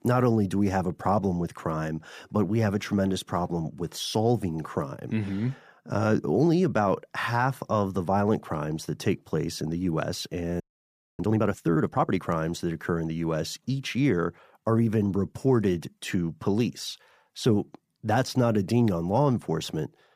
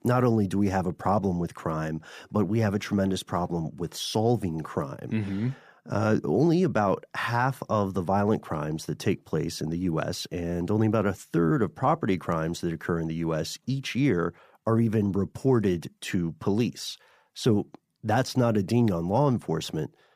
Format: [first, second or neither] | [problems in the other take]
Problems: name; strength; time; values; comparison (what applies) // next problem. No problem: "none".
second | audio freezing; at 11 s for 0.5 s